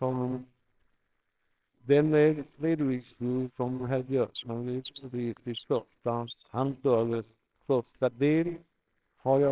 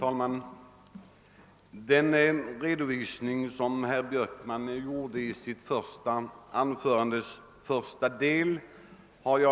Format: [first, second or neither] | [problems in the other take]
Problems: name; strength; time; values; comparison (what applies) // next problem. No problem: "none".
second | noise reduction (neural separator model SepFormer WHAMR!)